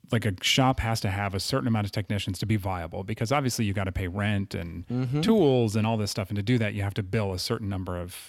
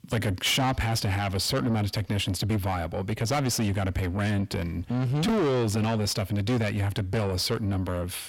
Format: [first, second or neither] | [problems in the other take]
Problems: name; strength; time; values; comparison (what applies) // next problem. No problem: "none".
first | distortion; heavy; 6 dB below the speech